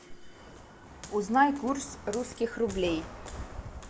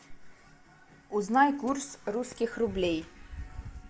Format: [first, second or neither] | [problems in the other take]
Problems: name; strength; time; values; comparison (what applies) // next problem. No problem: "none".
second | background sound (Walk, footsteps); 15 dB below the speech